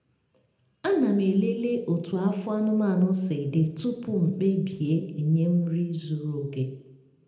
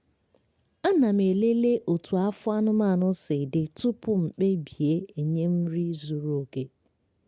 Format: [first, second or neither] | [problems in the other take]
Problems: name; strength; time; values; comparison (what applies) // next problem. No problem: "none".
second | room echo; dies away in 0.7 s